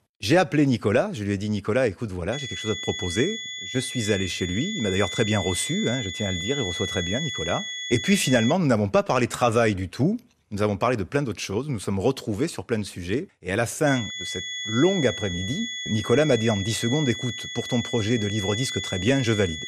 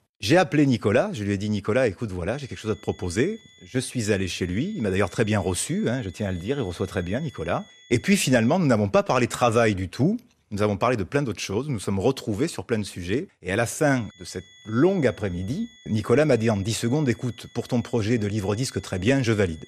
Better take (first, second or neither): second